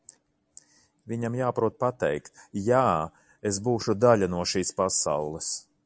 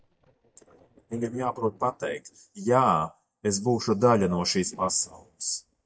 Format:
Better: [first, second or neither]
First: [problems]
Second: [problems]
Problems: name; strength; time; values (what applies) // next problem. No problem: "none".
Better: first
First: none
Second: noise reduction (neural mask model DeepFilterNet 3)